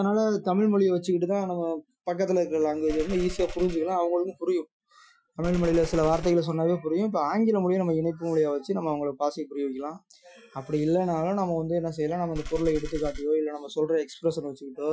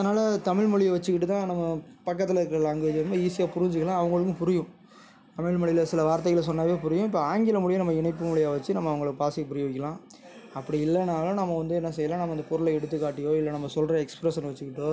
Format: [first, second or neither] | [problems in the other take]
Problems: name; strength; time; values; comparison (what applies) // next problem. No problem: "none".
second | noise reduction (classical method Wiener filter)